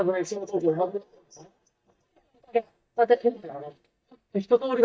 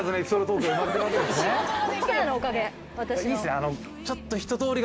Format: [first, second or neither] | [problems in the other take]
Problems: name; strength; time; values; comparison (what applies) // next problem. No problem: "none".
second | noise reduction (neural mask model DeepFilterNet 3)